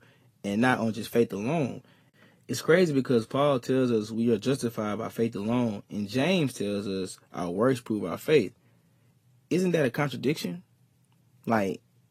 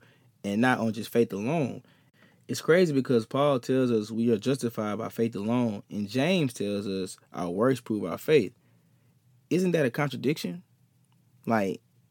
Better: second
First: garbled, watery; slightly; nothing above 14.5 kHz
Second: none

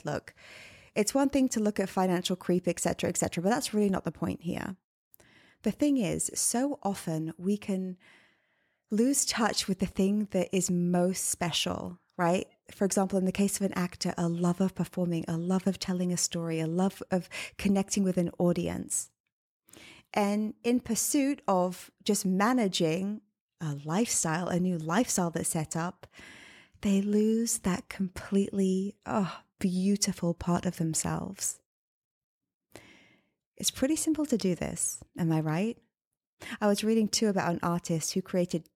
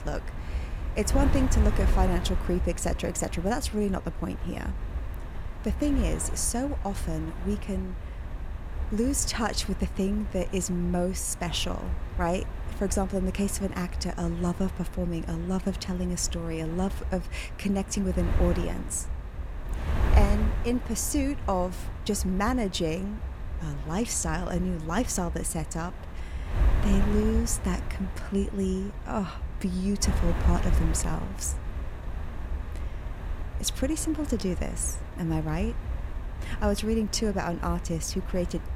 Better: first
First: none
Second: wind noise on the microphone; occasional gusts; 10 dB below the speech

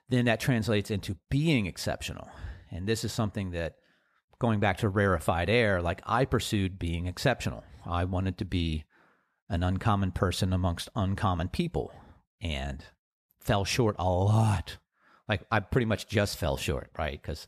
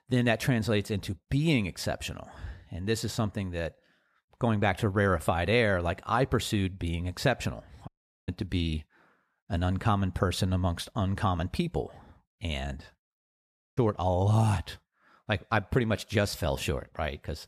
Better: first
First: none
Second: audio cutting out; at 8 s and at 13 s

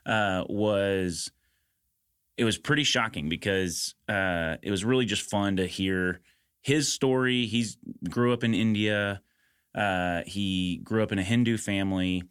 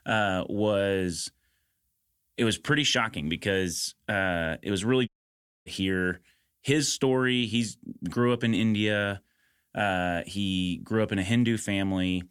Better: first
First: none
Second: audio cutting out; at 5 s for 0.5 s

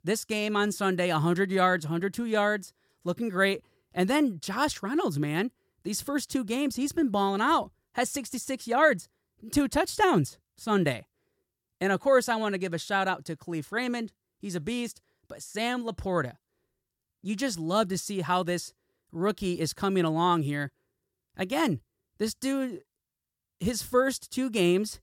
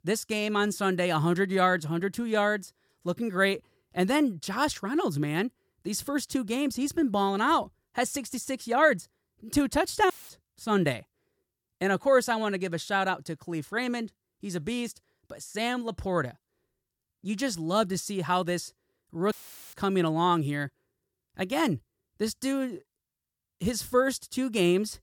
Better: first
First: none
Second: audio cutting out; filled with static; at 10 s and at 19 s

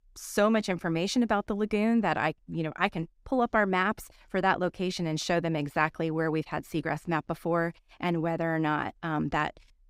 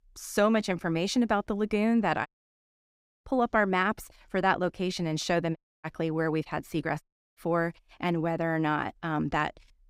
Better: first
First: none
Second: audio cutting out; at 2.5 s for 1 s, at 5.5 s and at 7 s

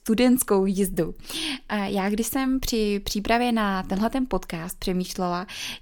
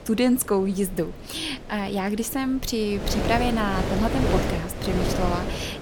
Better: first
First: none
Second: wind noise on the microphone; heavy; 2 dB below the speech

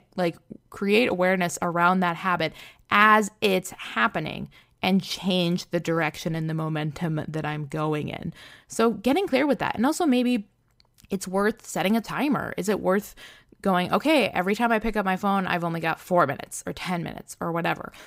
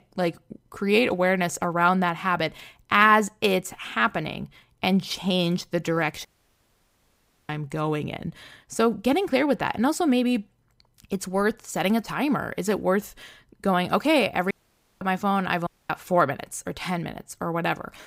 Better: first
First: none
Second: audio cutting out; at 6.5 s for 1 s, at 15 s for 0.5 s and at 16 s

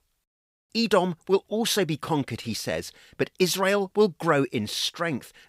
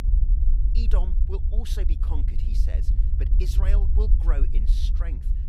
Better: first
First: none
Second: low rumble; loud; throughout; 5 dB below the speech

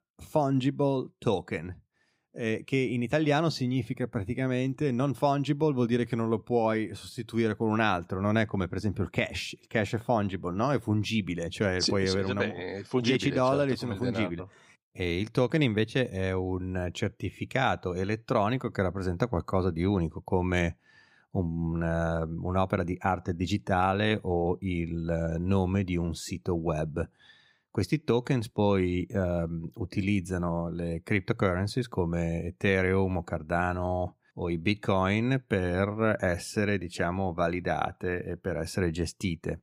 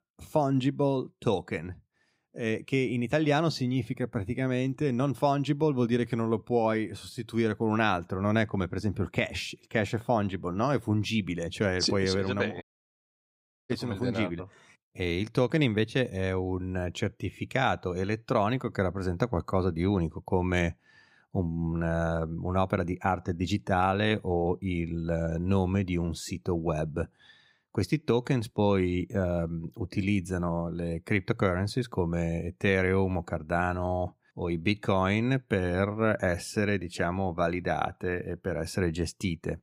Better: first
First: none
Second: audio cutting out; at 13 s for 1 s

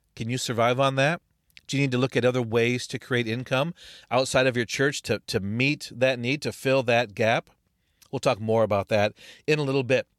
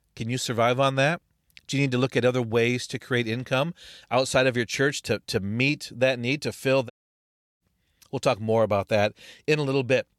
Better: first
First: none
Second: audio cutting out; at 7 s for 0.5 s

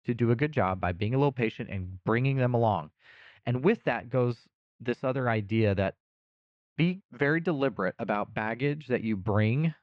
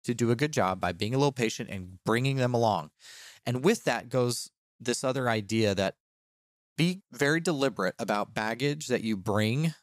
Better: second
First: muffled; very; fading above 2.5 kHz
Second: none

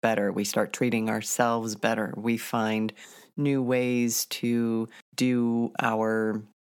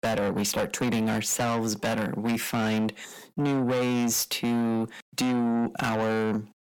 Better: first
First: none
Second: distortion; heavy; 7 dB below the speech

